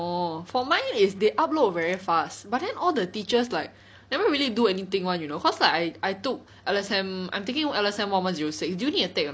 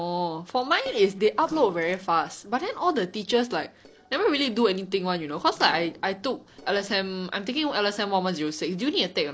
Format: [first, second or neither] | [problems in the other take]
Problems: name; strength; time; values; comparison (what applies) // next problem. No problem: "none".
first | noise reduction (neural separator model SepFormer DNS4)